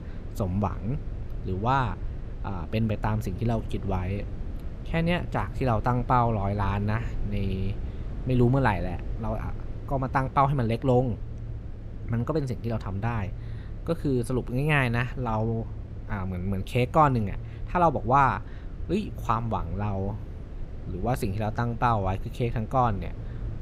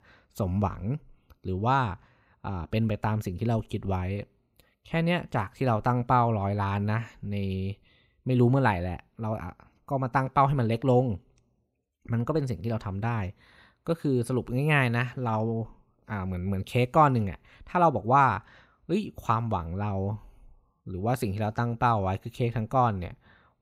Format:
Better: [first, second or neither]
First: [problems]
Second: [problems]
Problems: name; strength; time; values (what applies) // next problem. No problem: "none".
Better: second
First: low rumble; faint; throughout; 20 dB below the speech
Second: none